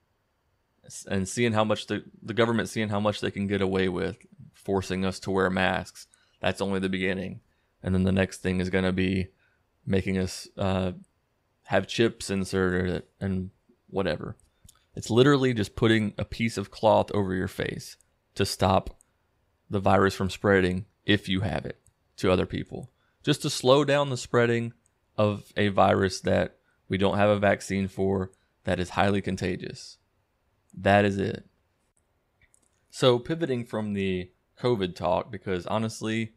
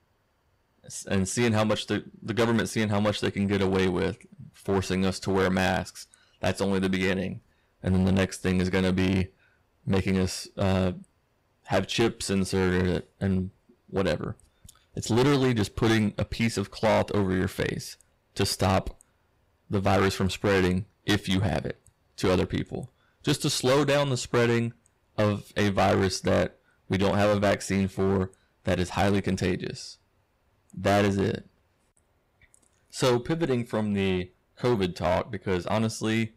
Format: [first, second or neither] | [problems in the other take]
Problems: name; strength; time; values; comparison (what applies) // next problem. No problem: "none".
first | distortion; heavy; 10% of the sound clipped